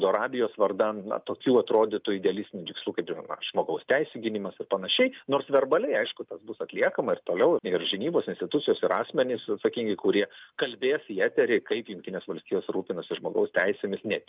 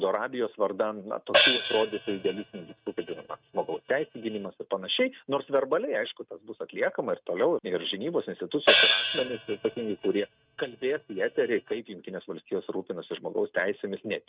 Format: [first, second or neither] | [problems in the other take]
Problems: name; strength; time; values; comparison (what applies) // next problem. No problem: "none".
first | noise reduction (neural mask model RNNoise)